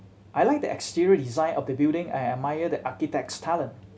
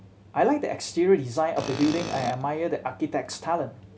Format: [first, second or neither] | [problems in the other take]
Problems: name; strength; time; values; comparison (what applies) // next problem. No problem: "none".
first | background sound (Tools); 10 dB below the speech